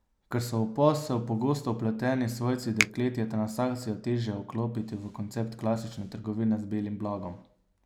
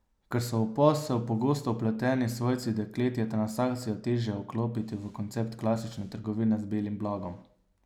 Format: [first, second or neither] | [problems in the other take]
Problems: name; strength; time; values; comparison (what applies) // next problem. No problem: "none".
second | background sound (Finger snapping); 7 dB below the speech